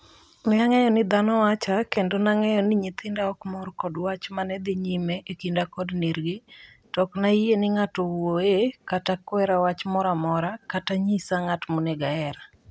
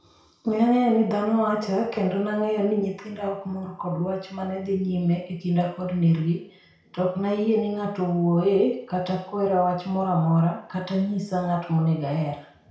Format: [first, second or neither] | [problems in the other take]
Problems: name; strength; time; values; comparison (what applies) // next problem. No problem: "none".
first | room echo; dies away in 0.6 s